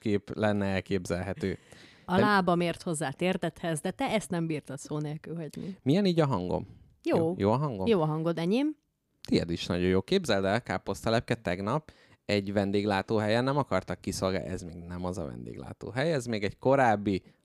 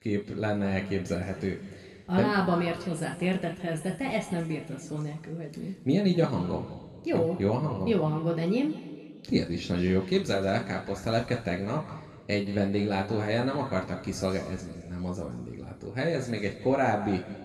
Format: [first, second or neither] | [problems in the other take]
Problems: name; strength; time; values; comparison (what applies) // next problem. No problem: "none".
first | room echo; noticeable; dies away in 1.6 s // off-mic speech; far